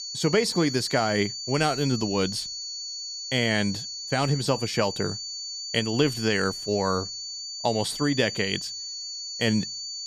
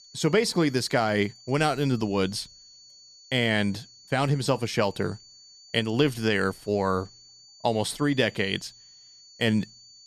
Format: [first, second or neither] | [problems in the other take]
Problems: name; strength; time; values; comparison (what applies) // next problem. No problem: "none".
second | high-pitched whine; loud; throughout; 4.5 kHz, 6 dB below the speech; faint in the second